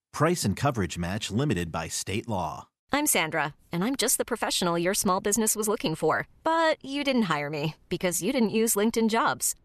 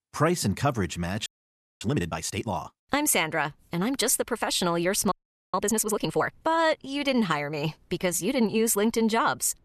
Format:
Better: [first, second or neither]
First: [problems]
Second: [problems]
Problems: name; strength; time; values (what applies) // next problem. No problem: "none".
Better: first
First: none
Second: audio freezing; at 1.5 s for 0.5 s and at 5 s